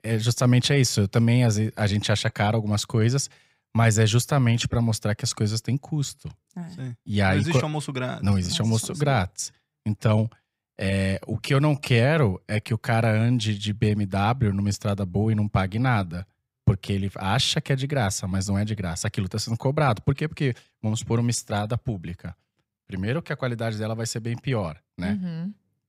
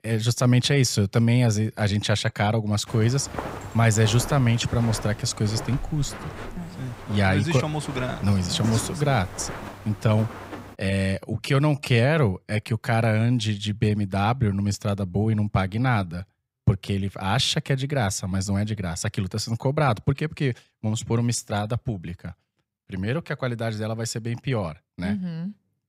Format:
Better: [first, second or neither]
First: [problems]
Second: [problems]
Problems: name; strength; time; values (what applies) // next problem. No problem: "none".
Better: first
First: none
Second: footsteps; noticeable; from 3 to 11 s; peak 8 dB below the speech